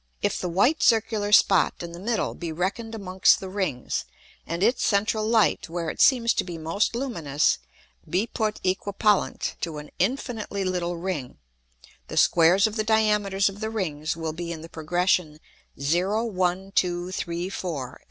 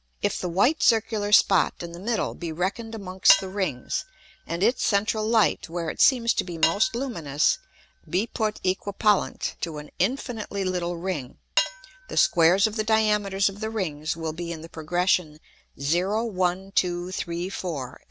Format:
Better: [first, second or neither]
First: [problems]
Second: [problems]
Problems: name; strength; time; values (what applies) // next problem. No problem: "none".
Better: first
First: none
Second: background sound (Cutlery, silverware / Dishes, pots, and pans); 10 dB below the speech